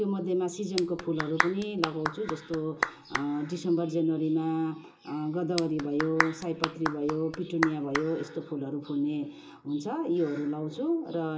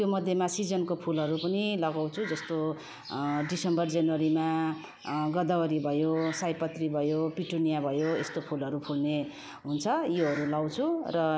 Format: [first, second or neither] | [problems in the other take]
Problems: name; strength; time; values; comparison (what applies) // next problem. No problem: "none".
second | background sound (Clapping); 5 dB below the speech // room echo; dies away in 0.2 s